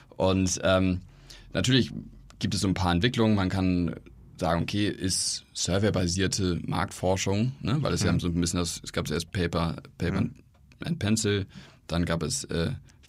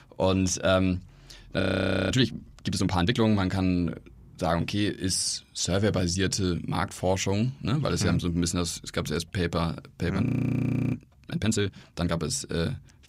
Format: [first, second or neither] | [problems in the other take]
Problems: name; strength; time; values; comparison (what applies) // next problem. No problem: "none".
first | audio freezing; at 1.5 s and at 10 s for 0.5 s